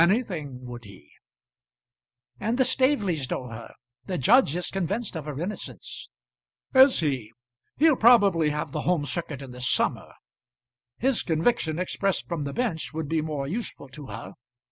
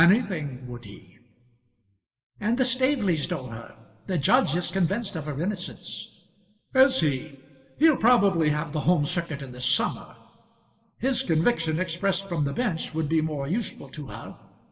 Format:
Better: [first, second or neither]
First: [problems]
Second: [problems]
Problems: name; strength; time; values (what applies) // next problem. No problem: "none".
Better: first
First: none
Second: room echo; dies away in 1.6 s